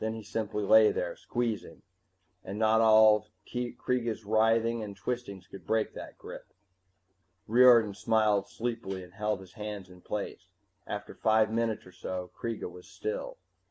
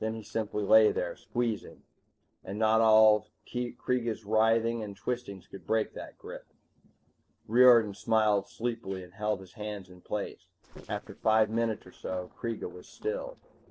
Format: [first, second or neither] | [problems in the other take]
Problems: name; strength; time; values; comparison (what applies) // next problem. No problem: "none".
first | noise reduction (neural separator model SepFormer DNS4)